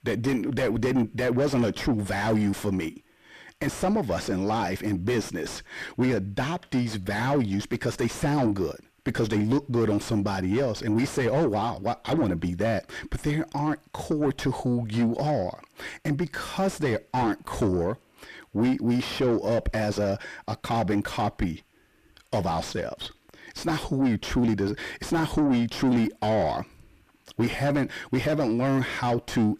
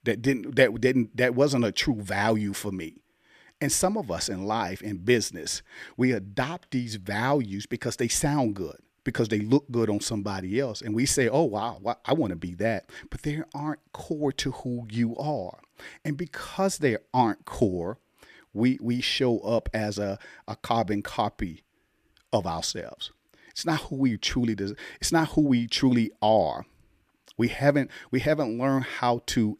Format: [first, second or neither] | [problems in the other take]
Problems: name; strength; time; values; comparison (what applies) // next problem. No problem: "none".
second | distortion; heavy; 5 dB below the speech